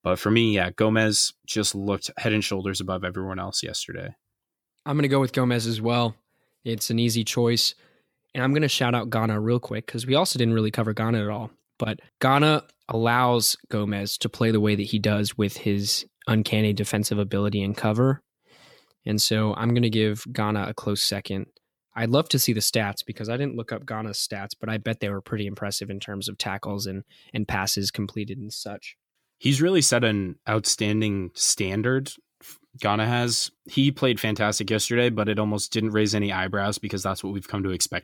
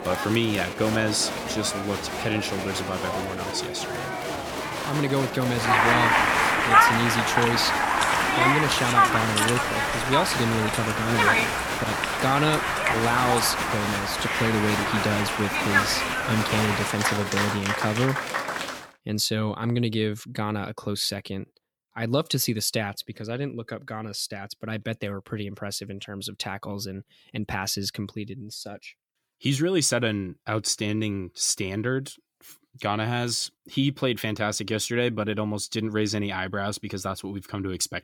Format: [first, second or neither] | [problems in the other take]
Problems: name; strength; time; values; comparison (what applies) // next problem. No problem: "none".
first | crowd noise; very loud; until 19 s; 3 dB above the speech